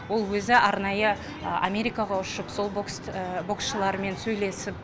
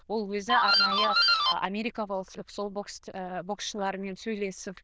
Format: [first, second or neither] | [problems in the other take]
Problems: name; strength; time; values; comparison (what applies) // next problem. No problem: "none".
first | noise reduction (neural diffusion model UNIVERSE++)